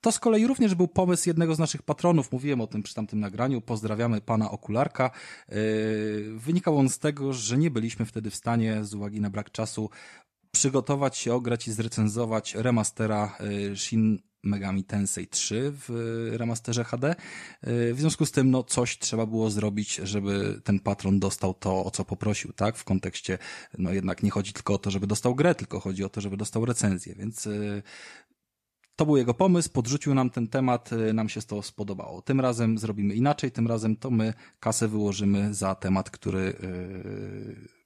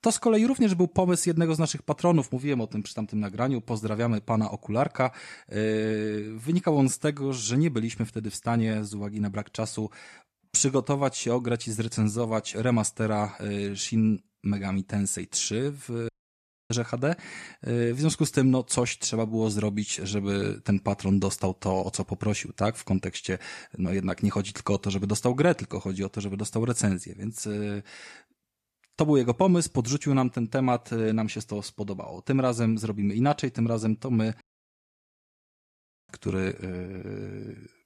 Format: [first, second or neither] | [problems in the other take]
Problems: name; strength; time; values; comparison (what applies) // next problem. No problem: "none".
first | audio cutting out; at 16 s for 0.5 s and at 34 s for 1.5 s